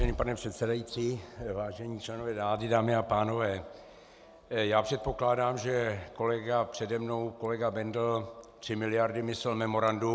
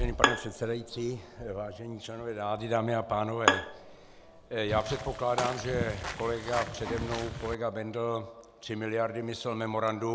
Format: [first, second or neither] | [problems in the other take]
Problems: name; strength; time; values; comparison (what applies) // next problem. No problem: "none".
first | background sound (Walk, footsteps / Bird vocalization, bird call, bird song + Bowed string instrument); 2 dB below the speech